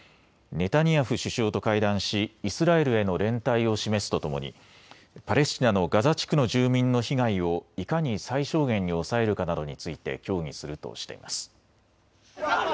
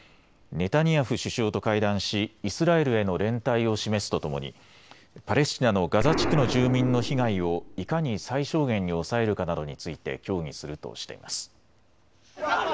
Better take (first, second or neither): first